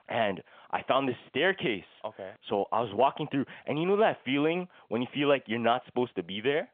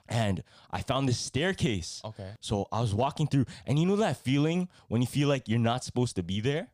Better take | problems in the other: second | phone-call audio; nothing above 3.5 kHz

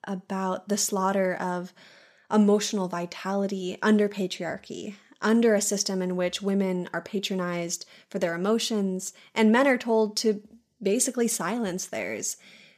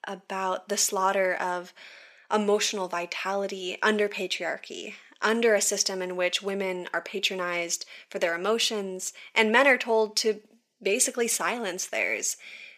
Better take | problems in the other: first | thin; somewhat; fading below 400 Hz

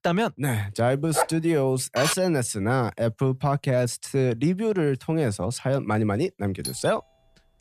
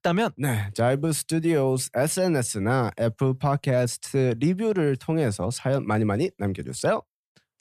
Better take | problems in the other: second | dog barking; noticeable; at 1 s; peak 3 dB below the speech // clattering dishes; noticeable; at 2 s; peak 3 dB below the speech // doorbell; noticeable; at 6.5 s; peak 10 dB below the speech

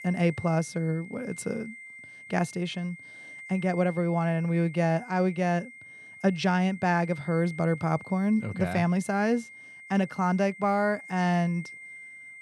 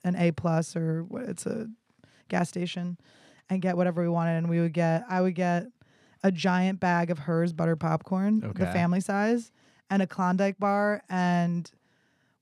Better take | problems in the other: second | high-pitched whine; noticeable; throughout; 2 kHz, 15 dB below the speech

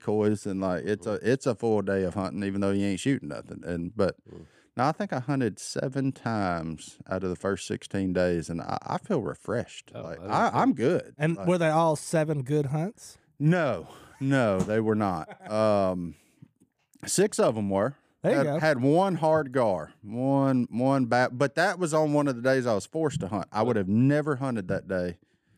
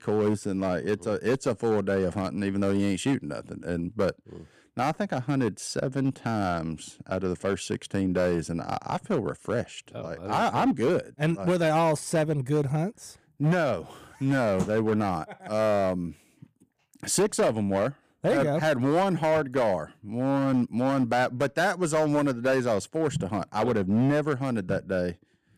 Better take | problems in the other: first | distortion; slight; 7% of the sound clipped

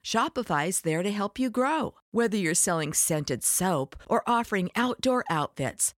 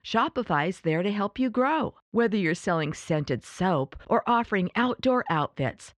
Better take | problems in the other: first | muffled; very; fading above 3.5 kHz

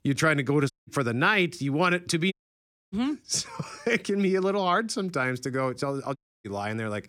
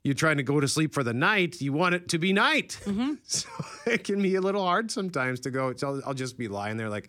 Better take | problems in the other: second | audio cutting out; at 0.5 s, at 2.5 s for 0.5 s and at 6 s

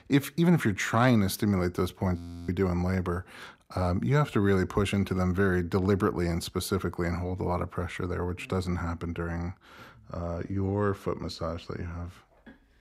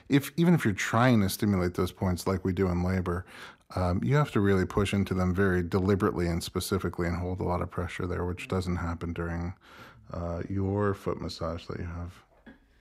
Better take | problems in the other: second | audio freezing; at 2 s

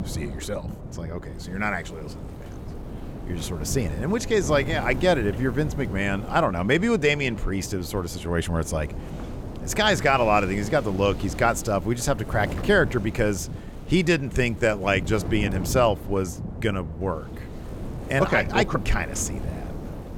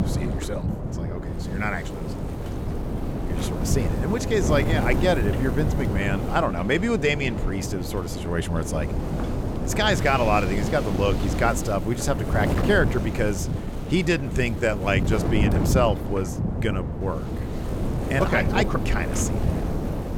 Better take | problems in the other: first | wind noise on the microphone; heavy; 7 dB below the speech; occasional gusts in the first

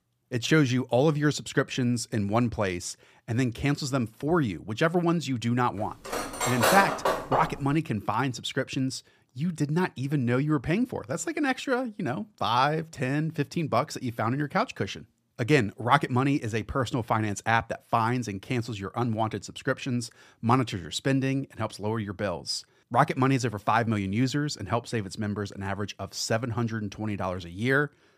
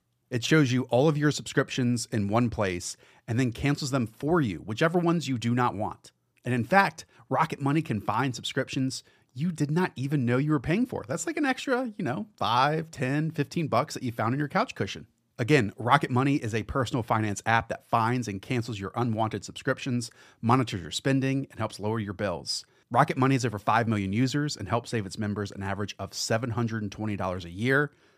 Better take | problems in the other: second | clattering dishes; loud; from 6 to 7.5 s; peak 4 dB above the speech

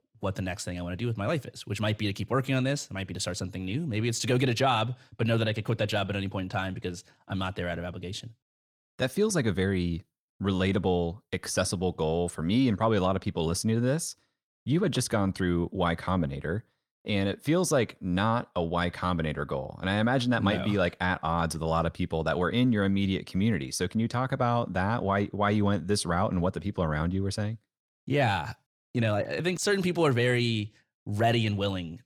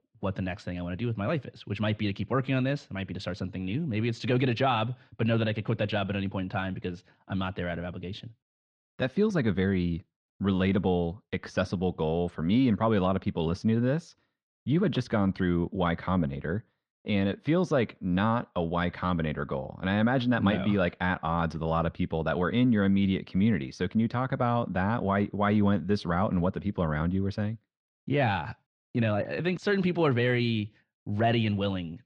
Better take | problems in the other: first | muffled; slightly; fading above 3.5 kHz

